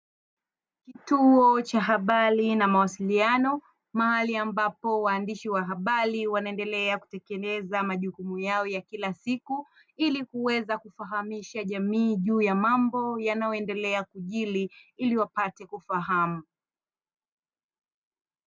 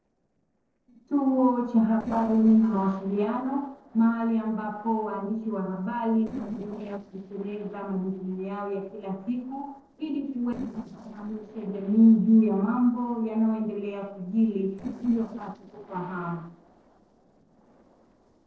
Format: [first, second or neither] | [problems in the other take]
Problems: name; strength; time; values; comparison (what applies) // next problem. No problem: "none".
first | noise reduction (neural separator model SepFormer DNS4)